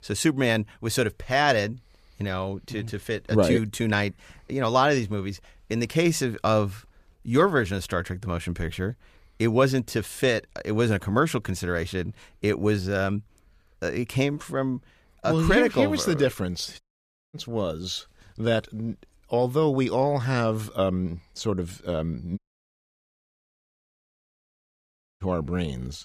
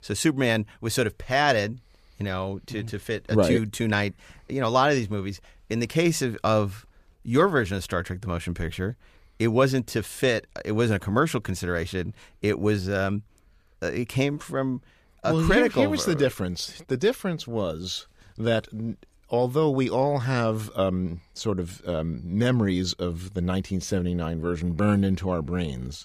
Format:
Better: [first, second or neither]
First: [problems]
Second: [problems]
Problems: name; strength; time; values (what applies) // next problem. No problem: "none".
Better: second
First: audio cutting out; at 17 s for 0.5 s and at 22 s for 3 s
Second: none